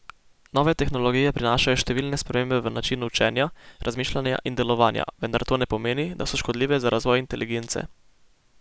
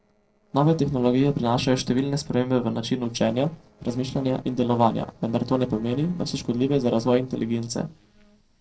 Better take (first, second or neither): first